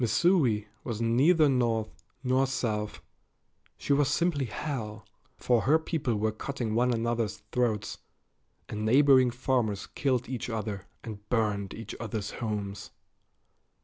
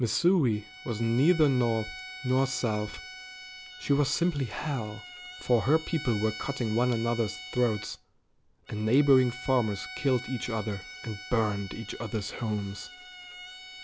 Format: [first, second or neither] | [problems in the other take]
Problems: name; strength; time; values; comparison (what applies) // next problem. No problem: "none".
first | background sound (Bowed string instrument); 15 dB below the speech